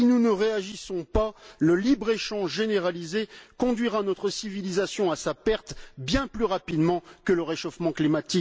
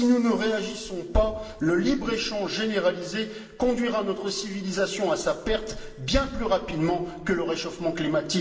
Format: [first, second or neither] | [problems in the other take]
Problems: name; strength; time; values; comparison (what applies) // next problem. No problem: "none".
first | room echo; dies away in 1.8 s